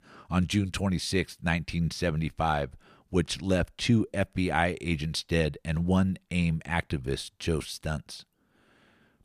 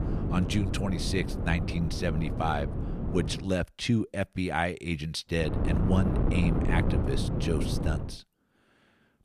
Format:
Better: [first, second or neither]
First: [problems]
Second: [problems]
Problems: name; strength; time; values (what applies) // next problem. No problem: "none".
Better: first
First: none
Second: wind noise on the microphone; heavy; until 3.5 s and from 5.5 to 8 s; 5 dB below the speech